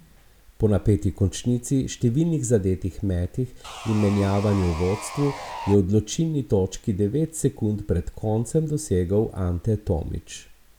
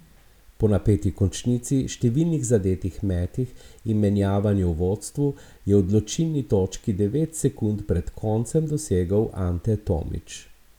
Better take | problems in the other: second | background sound (Sawing); 12 dB below the speech

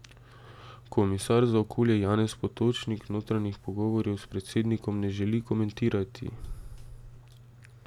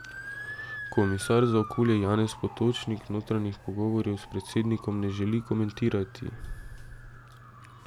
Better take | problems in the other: first | background sound (Motor vehicle (road) / Siren); 15 dB below the speech

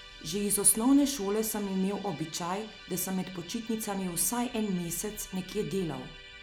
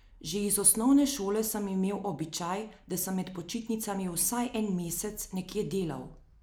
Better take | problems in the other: second | background sound (Musical instrument); 18 dB below the speech

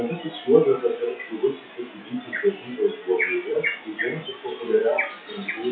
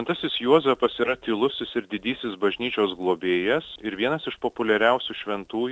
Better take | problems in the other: second | noise reduction (classical method WPE with log-MMSE)

